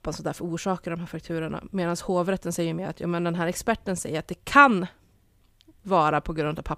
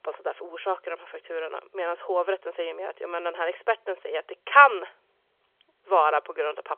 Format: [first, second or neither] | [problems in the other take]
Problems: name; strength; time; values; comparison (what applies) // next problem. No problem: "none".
first | phone-call audio